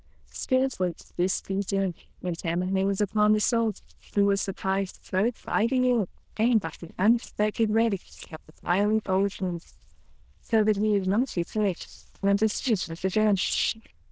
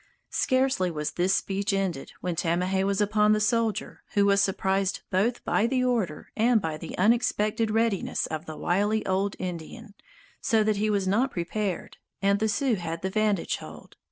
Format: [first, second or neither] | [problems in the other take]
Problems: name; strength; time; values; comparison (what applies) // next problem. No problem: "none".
second | noise reduction (neural diffusion model UNIVERSE++)